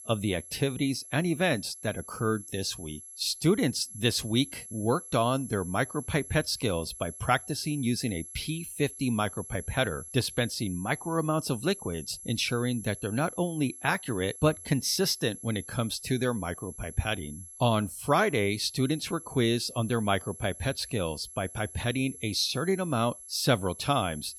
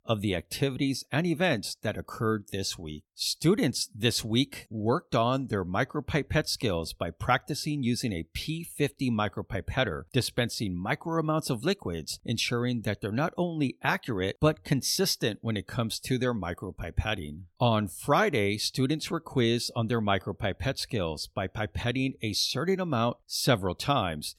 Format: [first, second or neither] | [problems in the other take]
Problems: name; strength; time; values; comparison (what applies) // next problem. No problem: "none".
second | high-pitched whine; noticeable; throughout; 11 kHz, 15 dB below the speech